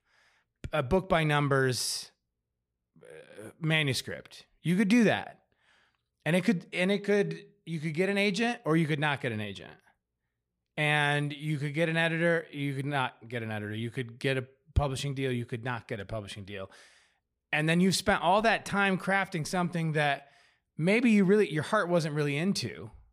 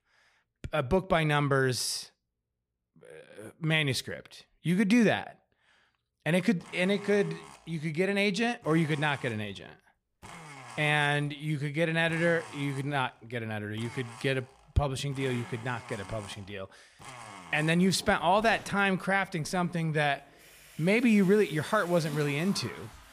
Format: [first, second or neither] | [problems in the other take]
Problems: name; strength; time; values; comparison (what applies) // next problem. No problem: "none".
first | household noises; noticeable; from 6.5 s on; 20 dB below the speech